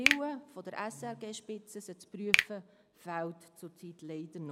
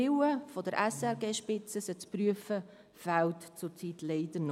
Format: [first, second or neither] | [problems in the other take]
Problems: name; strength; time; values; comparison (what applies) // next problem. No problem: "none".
second | background sound (Finger snapping); 4 dB above the speech